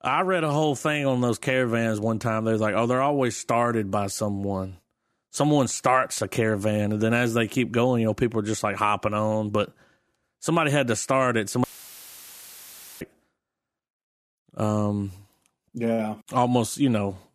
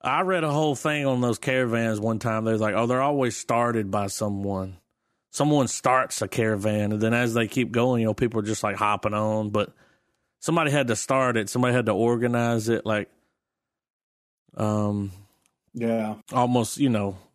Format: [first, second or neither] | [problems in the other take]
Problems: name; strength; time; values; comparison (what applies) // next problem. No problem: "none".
second | audio cutting out; filled with static; at 12 s for 1.5 s